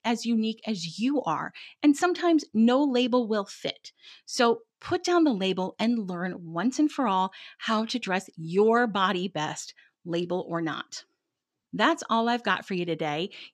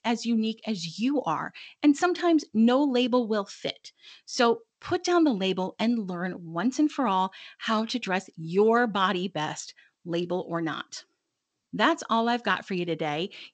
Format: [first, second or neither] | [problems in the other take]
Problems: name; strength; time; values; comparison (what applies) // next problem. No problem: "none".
first | garbled, watery; slightly; nothing above 7.5 kHz